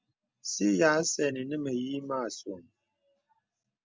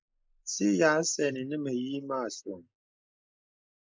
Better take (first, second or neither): first